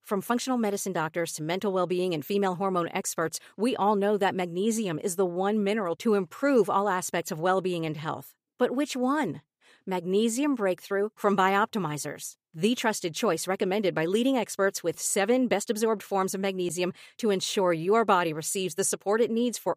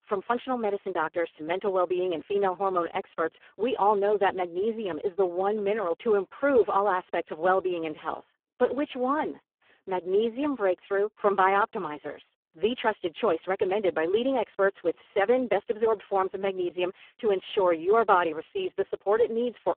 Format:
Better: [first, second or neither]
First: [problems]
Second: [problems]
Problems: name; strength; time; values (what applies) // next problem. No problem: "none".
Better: first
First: none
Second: phone-call audio; poor line